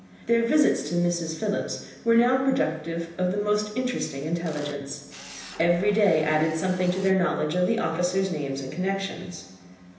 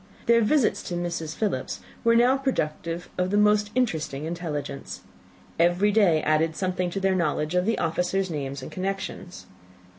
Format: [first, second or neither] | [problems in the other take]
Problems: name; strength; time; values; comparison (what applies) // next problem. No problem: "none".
second | background sound (Camera); 18 dB below the speech // room echo; dies away in 0.9 s